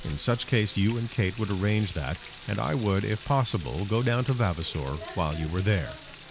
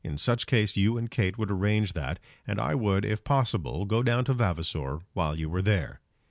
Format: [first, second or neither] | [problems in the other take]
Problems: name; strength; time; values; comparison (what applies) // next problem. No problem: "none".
second | background sound (Frying (food)); 17 dB below the speech